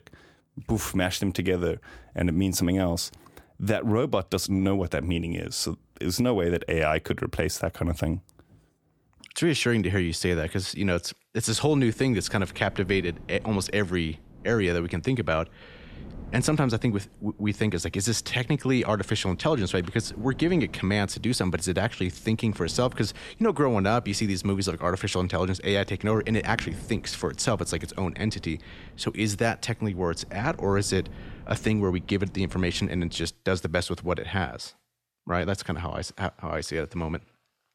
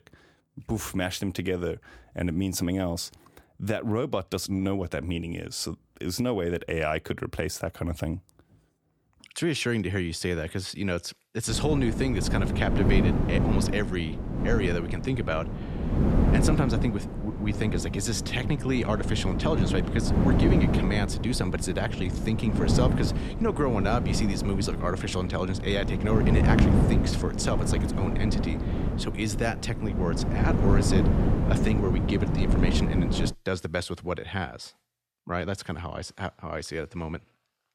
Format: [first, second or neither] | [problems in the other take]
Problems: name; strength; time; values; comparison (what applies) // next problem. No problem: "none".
first | wind noise on the microphone; heavy; from 11 to 33 s; 2 dB below the speech; occasional gusts in the first